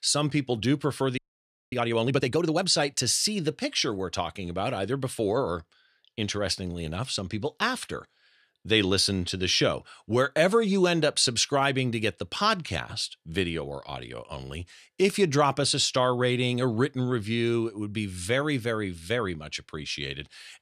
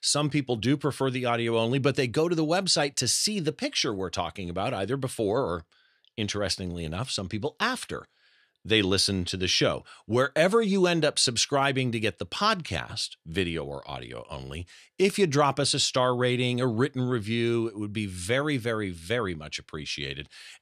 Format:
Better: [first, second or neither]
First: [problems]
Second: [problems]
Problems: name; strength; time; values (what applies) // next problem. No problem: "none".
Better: second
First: audio freezing; at 1 s for 0.5 s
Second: none